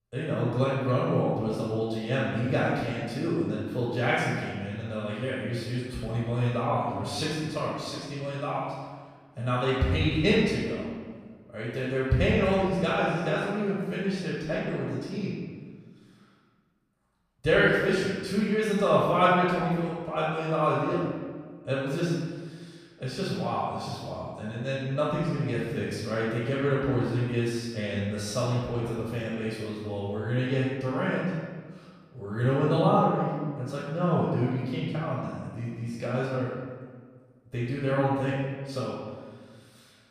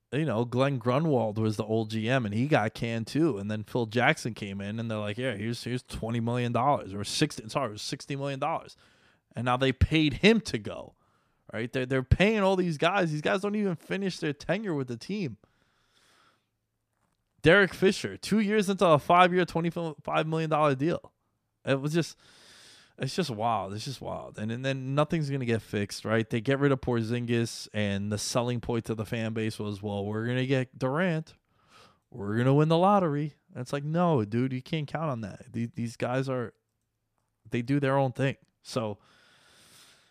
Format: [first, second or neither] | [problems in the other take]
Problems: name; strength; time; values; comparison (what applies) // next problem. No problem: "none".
second | room echo; strong; dies away in 1.4 s // off-mic speech; far